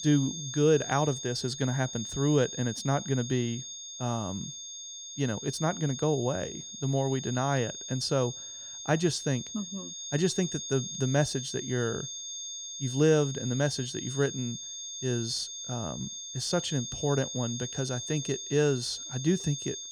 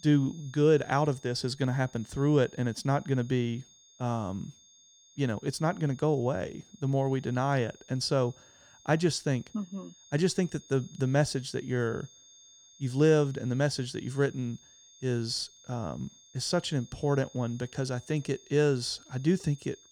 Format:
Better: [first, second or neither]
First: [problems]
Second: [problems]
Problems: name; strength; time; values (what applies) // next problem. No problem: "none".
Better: second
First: high-pitched whine; loud; throughout; 6.5 kHz, 7 dB below the speech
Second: high-pitched whine; faint; throughout; 6.5 kHz, 25 dB below the speech